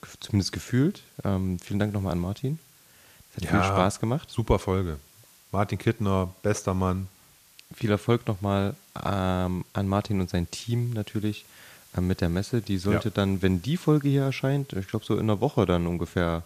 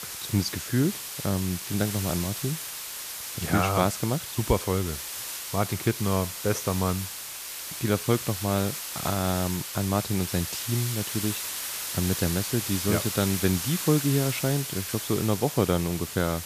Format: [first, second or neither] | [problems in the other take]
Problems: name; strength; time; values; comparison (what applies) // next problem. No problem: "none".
first | hiss; loud; throughout; 4 dB below the speech; faint in the first